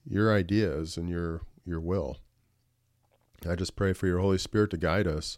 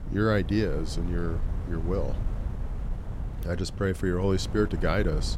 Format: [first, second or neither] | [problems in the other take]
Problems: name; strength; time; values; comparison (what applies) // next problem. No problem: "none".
first | wind noise on the microphone; occasional gusts; 15 dB below the speech